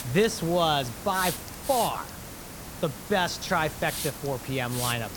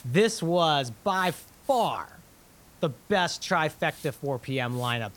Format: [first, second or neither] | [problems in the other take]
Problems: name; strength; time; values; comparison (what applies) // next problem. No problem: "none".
second | hiss; loud; throughout; 8 dB below the speech; faint in the second